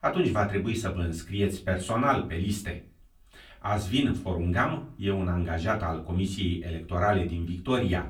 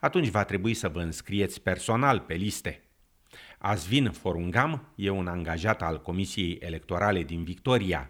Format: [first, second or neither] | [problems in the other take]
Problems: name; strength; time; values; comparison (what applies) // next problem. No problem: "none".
second | off-mic speech; far // room echo; very slight; dies away in 0.3 s